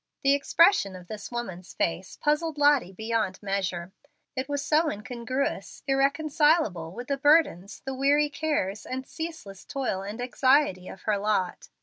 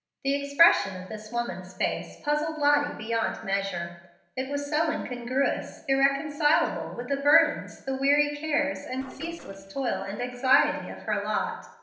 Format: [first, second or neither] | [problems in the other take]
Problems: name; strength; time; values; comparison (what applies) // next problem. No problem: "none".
first | noise reduction (neural separator model SepFormer DNS4)